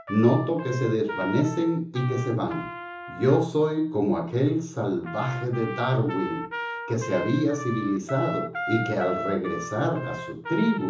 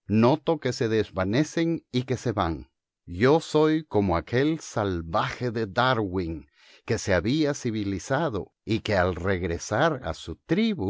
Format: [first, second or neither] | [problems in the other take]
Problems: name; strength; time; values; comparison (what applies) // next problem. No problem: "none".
second | background sound (Trumpet); 10 dB below the speech // room echo; dies away in 0.7 s